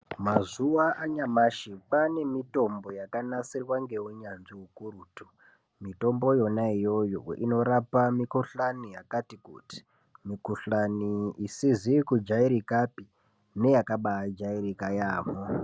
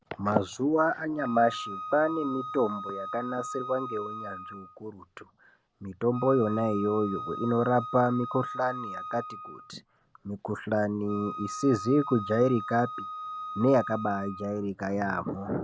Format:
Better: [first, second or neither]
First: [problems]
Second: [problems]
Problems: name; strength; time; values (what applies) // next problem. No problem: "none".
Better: first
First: none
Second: background sound (Wind instrument, woodwind instrument); 11 dB below the speech